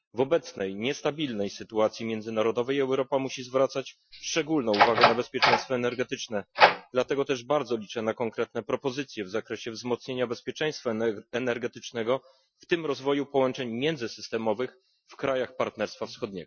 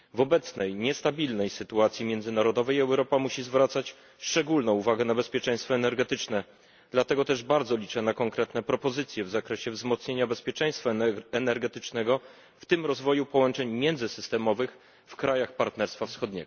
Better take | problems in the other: second | noise reduction (classical method Wiener filter)

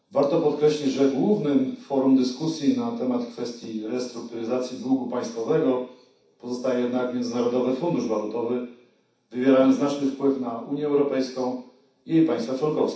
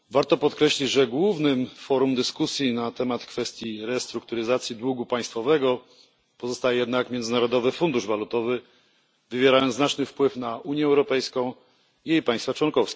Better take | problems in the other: second | room echo; dies away in 0.7 s

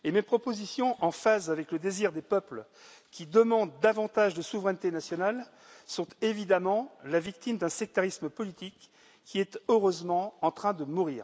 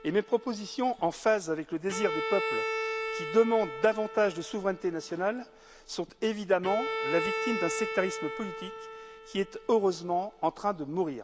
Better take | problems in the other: first | background sound (Bowed string instrument); 7 dB below the speech

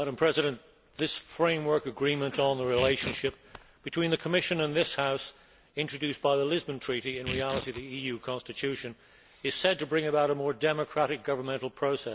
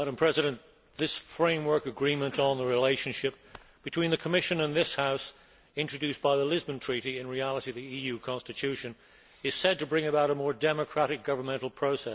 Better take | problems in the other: second | background sound (Tearing); 13 dB below the speech

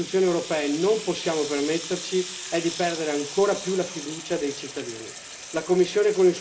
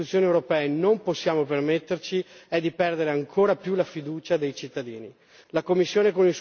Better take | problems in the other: second | background sound (Sink (filling or washing) / Water tap, faucet); 12 dB below the speech // room echo; dies away in 0.6 s

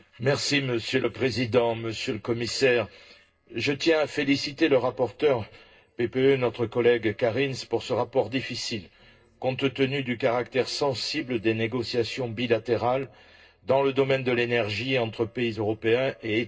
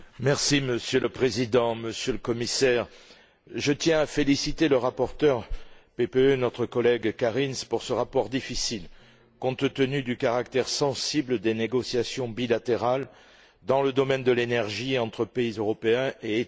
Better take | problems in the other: second | noise reduction (neural separator model SepFormer DNS4)

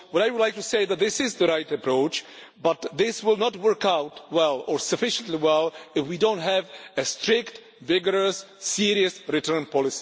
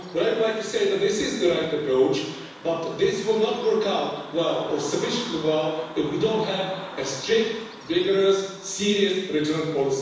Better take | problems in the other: first | background sound (Bird vocalization, bird call, bird song); 18 dB below the speech // room echo; dies away in 1.1 s

